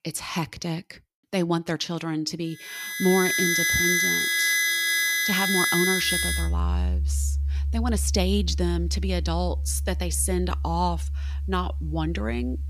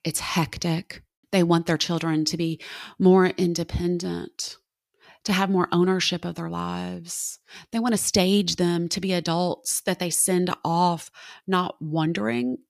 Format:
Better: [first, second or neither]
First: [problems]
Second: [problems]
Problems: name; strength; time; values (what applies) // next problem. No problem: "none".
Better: second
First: background music; very loud; from 3 s on; 4 dB above the speech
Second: none